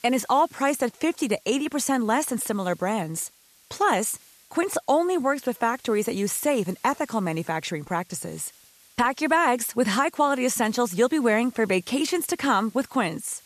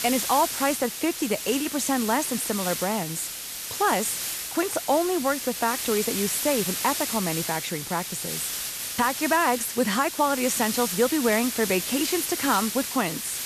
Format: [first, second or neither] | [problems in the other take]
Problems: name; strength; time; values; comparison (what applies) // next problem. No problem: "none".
first | hiss; loud; throughout; 3 dB below the speech; faint in the first